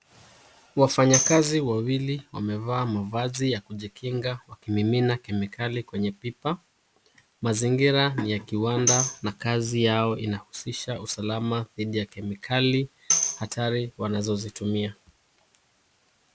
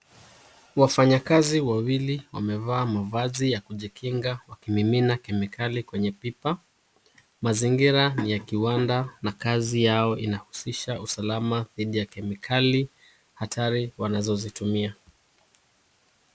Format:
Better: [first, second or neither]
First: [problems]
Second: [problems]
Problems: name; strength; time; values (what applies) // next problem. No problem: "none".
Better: second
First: background sound (Tambourine); 3 dB below the speech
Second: none